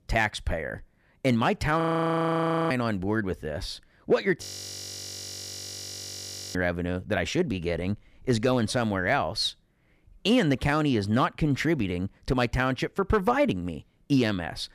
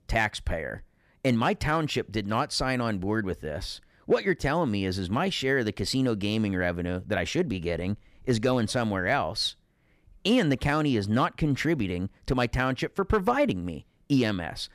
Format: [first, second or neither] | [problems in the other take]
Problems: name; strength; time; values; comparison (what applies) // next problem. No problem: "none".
second | audio freezing; at 2 s for 1 s and at 4.5 s for 2 s